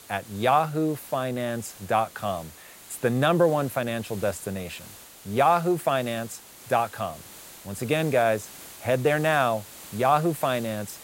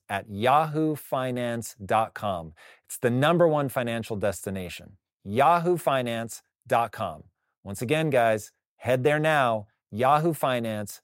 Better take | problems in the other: second | hiss; noticeable; throughout; 20 dB below the speech

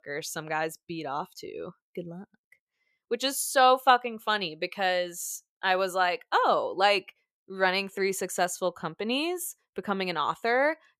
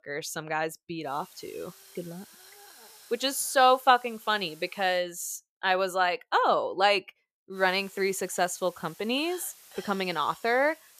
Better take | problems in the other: first | hiss; faint; from 1 to 5 s and from 7.5 s on; 25 dB below the speech

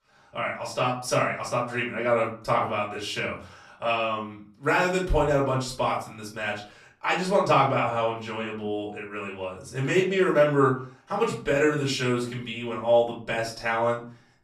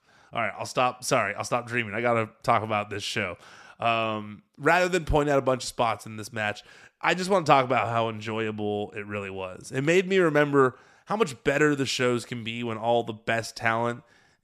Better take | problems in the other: second | room echo; slight; dies away in 0.3 s // off-mic speech; far

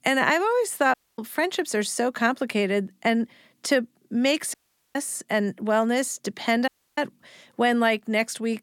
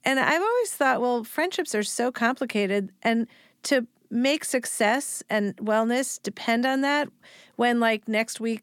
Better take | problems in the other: second | audio cutting out; at 1 s, at 4.5 s and at 6.5 s

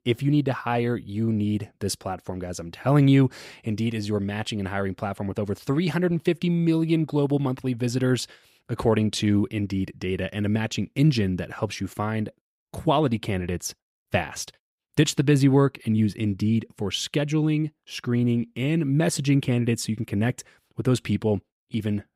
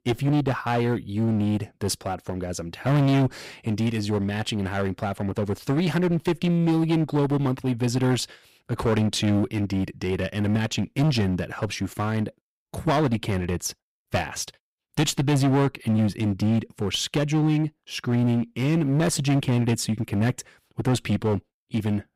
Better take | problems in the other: first | distortion; slight; 13% of the sound clipped

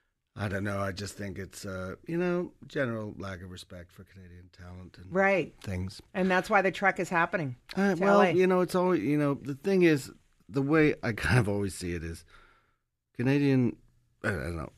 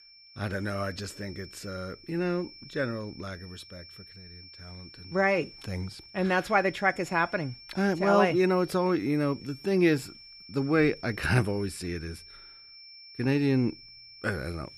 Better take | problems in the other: first | high-pitched whine; noticeable; throughout; 5.5 kHz, 20 dB below the speech

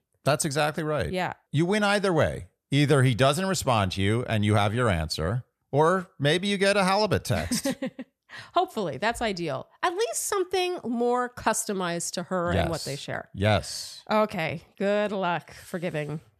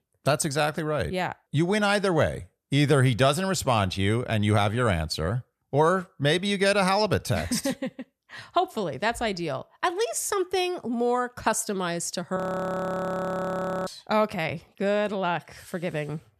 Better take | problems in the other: first | audio freezing; at 12 s for 1.5 s

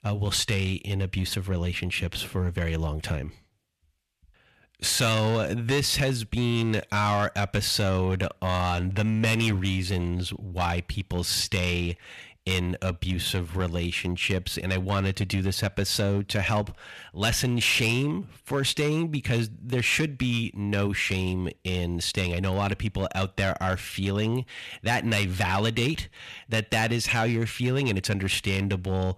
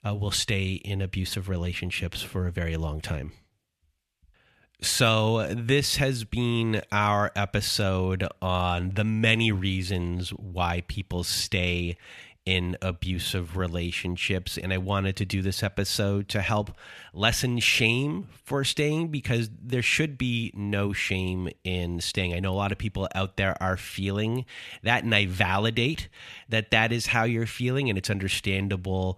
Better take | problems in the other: second | distortion; slight; 6% of the sound clipped

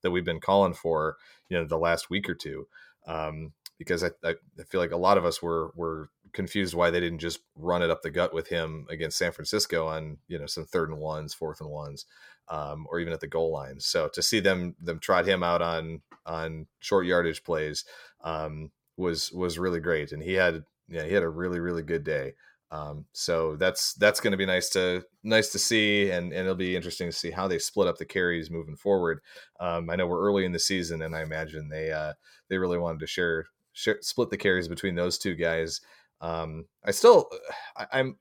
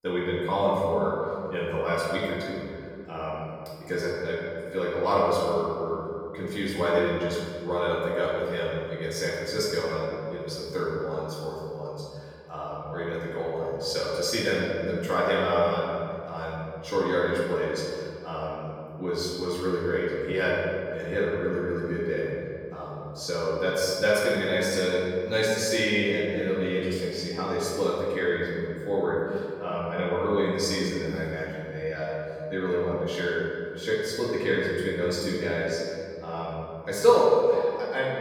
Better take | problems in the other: first | room echo; strong; dies away in 2.1 s // off-mic speech; far

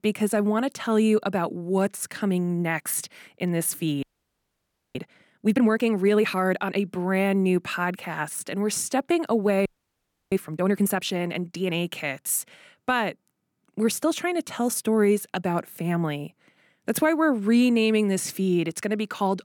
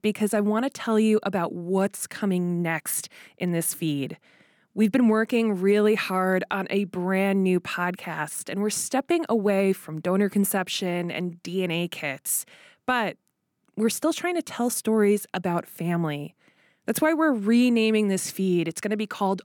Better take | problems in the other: second | audio freezing; at 4 s for 1 s and at 9.5 s for 0.5 s

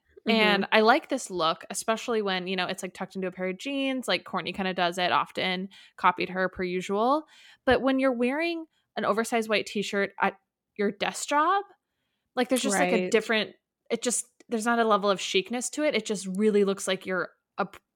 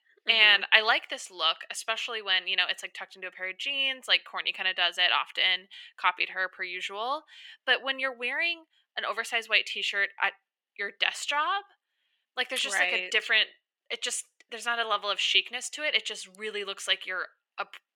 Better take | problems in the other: first | thin; very; fading below 600 Hz

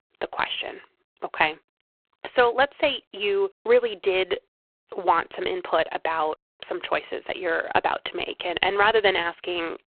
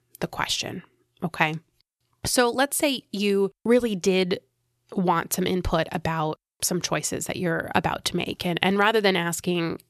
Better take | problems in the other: second | phone-call audio; poor line

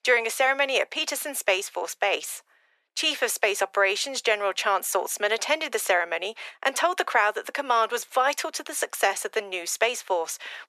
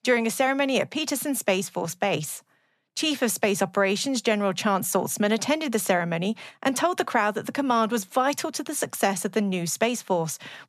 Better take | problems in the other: second | thin; very; fading below 400 Hz

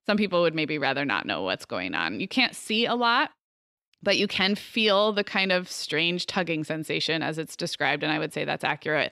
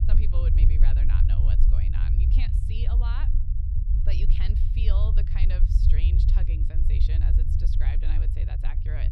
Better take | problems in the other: first | low rumble; loud; throughout; as loud as the speech

